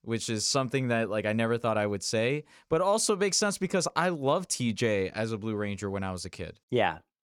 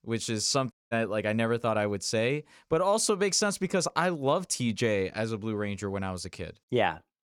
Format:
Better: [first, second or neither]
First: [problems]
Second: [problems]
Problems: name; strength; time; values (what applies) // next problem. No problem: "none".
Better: first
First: none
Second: audio cutting out; at 0.5 s